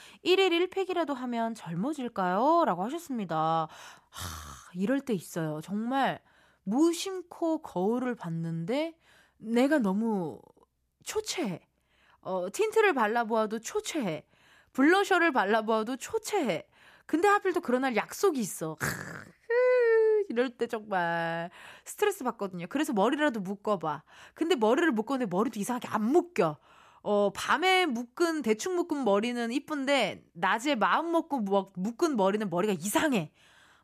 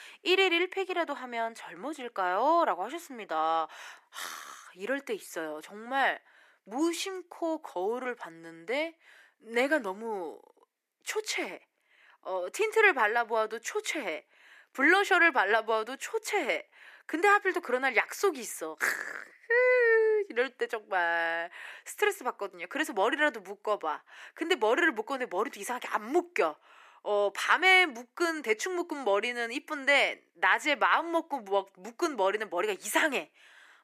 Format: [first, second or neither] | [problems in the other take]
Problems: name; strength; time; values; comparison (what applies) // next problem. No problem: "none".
first | thin; somewhat; fading below 350 Hz